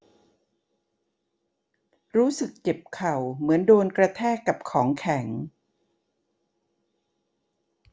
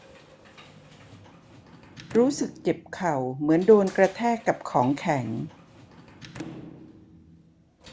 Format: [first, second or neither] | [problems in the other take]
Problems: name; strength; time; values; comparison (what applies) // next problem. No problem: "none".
first | background sound (Sliding door / Slam); 19 dB below the speech